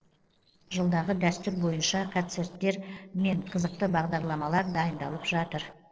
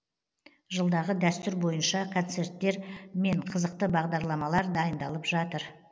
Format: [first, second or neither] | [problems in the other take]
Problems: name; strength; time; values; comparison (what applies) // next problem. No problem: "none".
second | noise reduction (neural separator model SepFormer DNS4)